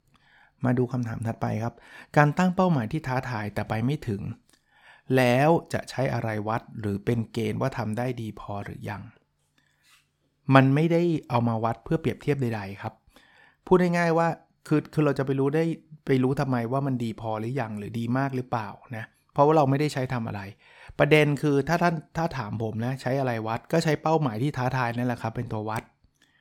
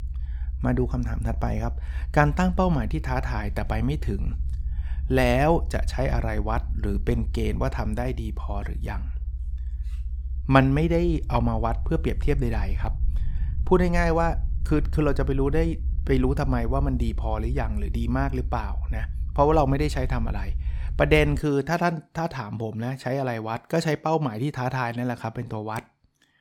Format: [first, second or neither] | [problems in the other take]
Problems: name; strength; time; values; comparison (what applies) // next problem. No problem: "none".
first | low rumble; faint; until 21 s; 25 dB below the speech